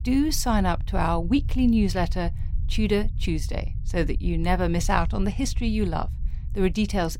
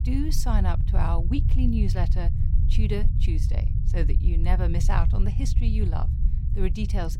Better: first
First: low rumble; faint; throughout; 20 dB below the speech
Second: low rumble; loud; throughout; 7 dB below the speech

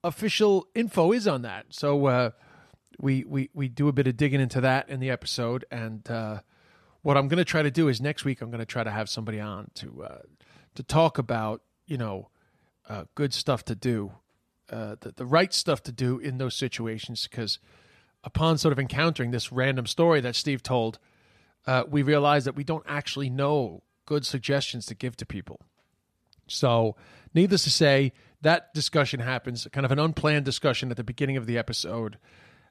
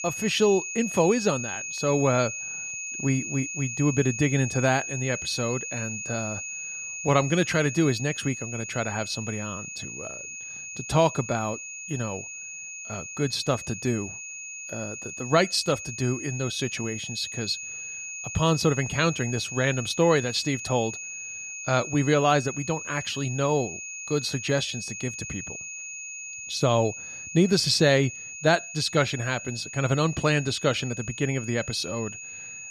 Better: first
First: none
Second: high-pitched whine; loud; throughout; 2.5 kHz, 8 dB below the speech

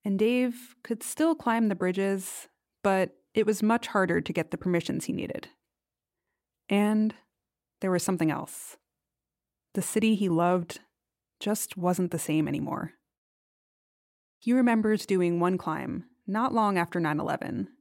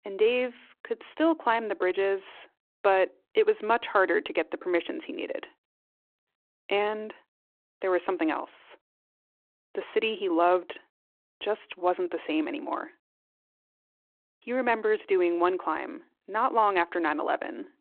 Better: first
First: none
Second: phone-call audio

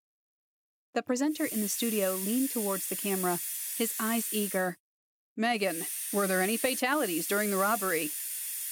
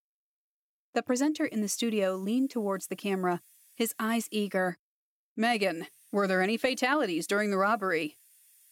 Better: second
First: hiss; loud; from 1.5 to 4.5 s and from 5.5 s on; 2 dB below the speech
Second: hiss; faint; from 1.5 to 4.5 s and from 5.5 s on; 30 dB below the speech

